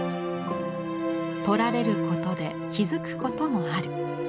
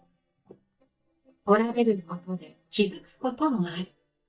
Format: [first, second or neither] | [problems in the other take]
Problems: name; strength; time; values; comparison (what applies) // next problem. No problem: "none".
first | noise reduction (neural mask model DeepFilterNet 3)